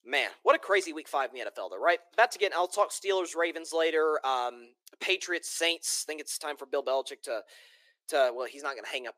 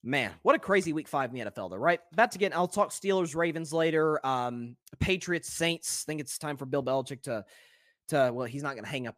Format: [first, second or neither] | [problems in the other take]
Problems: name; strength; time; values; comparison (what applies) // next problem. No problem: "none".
second | thin; very; fading below 350 Hz